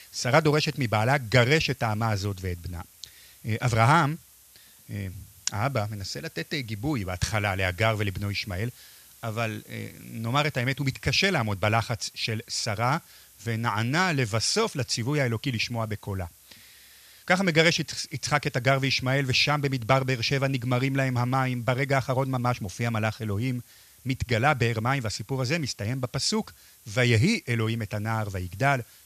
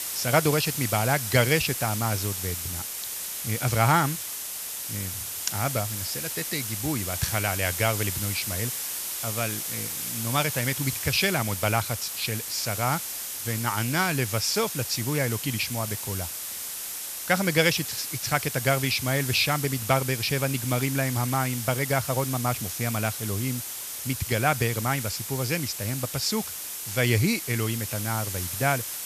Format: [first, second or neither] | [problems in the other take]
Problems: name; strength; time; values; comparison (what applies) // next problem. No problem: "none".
first | hiss; loud; throughout; 4 dB below the speech; faint in the first